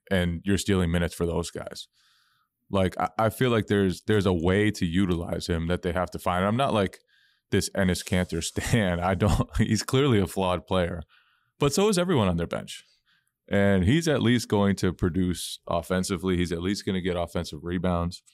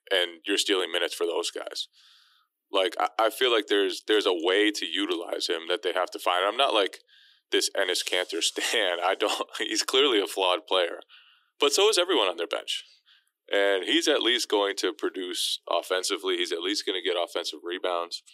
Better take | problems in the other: first | thin; very; fading below 300 Hz

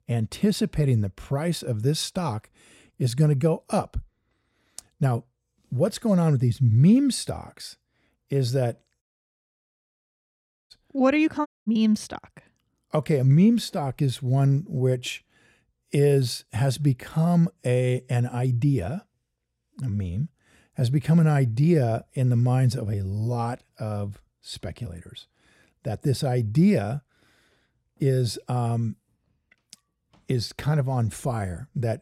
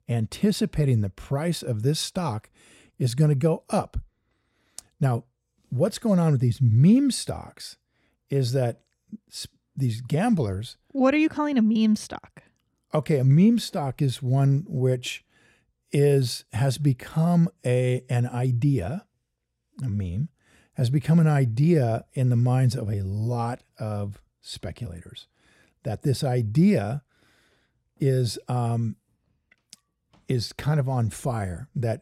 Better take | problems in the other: second | audio cutting out; at 9 s for 1.5 s and at 11 s

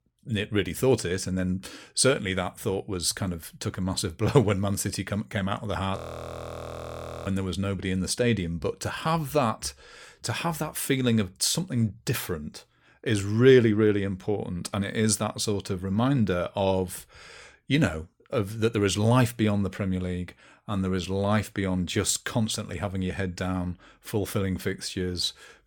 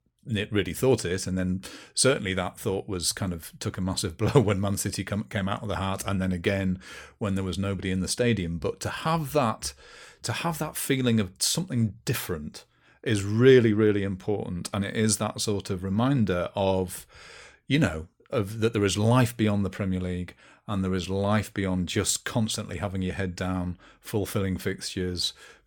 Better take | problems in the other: second | audio freezing; at 6 s for 1.5 s

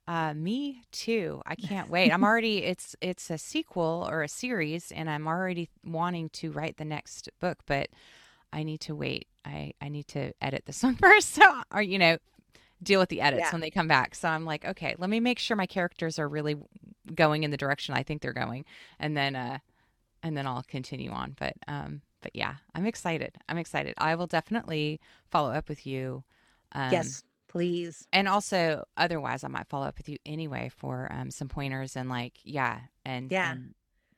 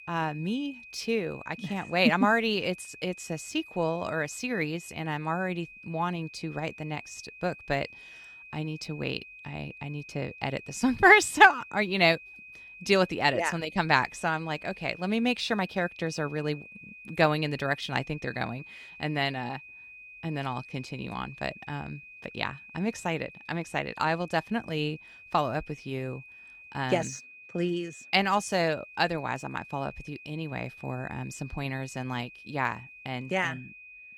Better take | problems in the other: first | high-pitched whine; noticeable; throughout; 2.5 kHz, 15 dB below the speech

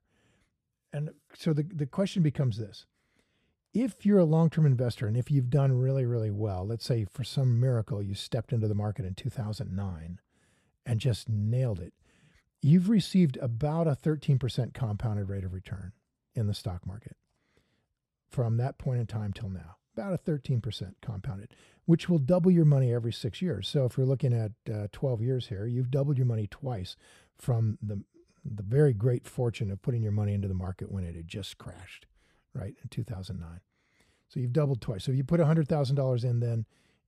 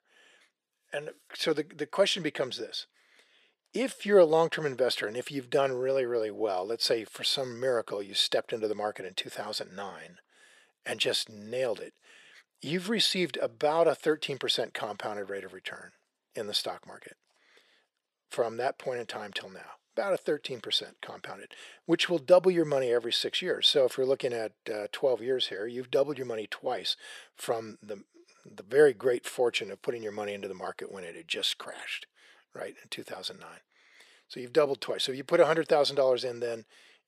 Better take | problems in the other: first | thin; very; fading below 400 Hz

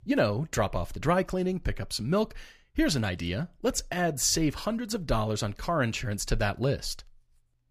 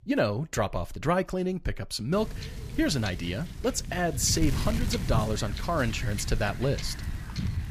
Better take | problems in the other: first | wind noise on the microphone; occasional gusts; from 2 s on; 10 dB below the speech

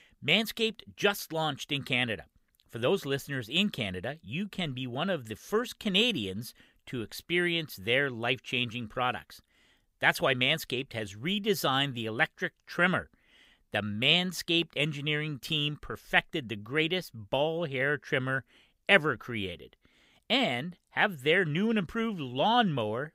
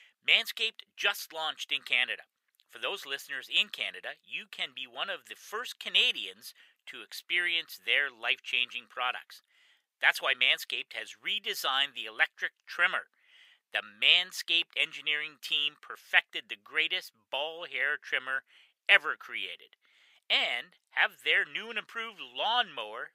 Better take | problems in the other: first | thin; very; fading below 800 Hz

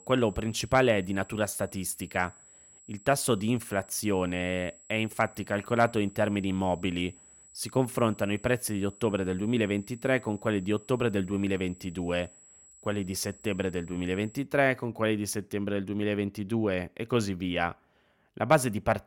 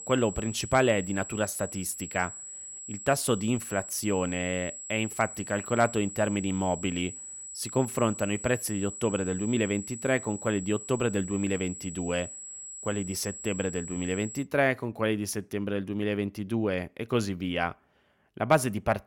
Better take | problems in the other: first | high-pitched whine; loud; until 14 s; 8 kHz, 10 dB below the speech; faint in the first

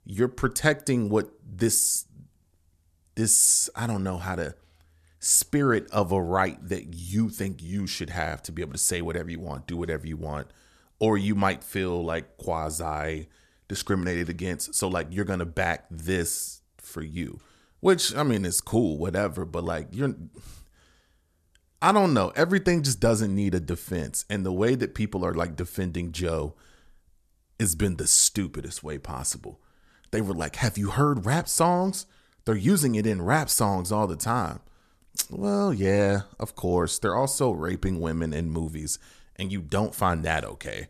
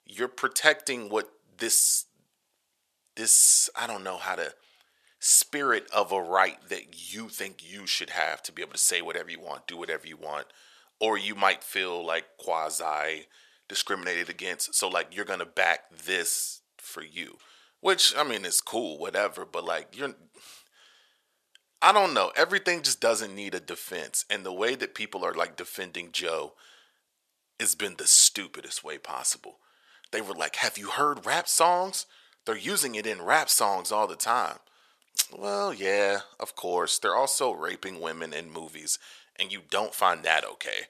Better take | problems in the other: first | thin; very; fading below 650 Hz

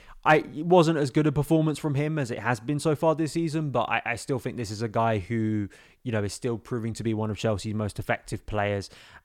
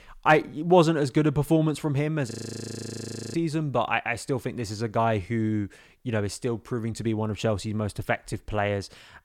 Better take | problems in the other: first | audio freezing; at 2.5 s for 1 s

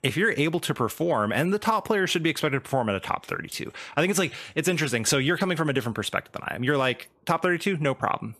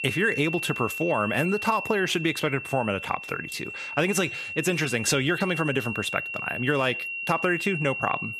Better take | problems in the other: first | high-pitched whine; loud; throughout; 2.5 kHz, 5 dB below the speech

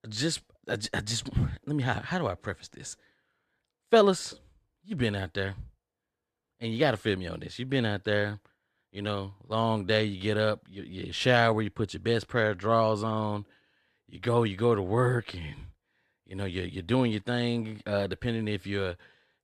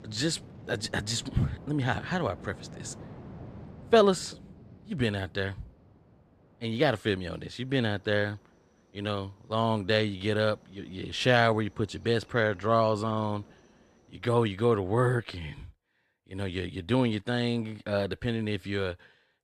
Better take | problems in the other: first | train or aircraft noise; faint; until 14 s; 20 dB below the speech

